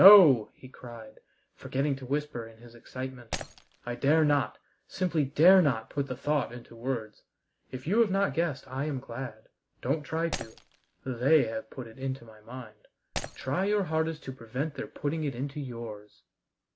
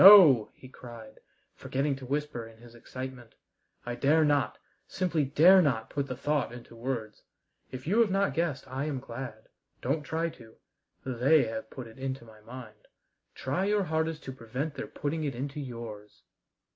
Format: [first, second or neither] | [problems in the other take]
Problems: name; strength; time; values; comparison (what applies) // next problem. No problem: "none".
second | background sound (Shatter); 14 dB below the speech